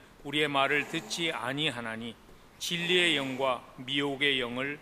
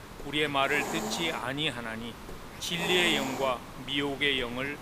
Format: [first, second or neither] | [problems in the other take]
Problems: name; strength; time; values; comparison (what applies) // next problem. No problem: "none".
first | hiss; loud; throughout; 9 dB below the speech; faint in the first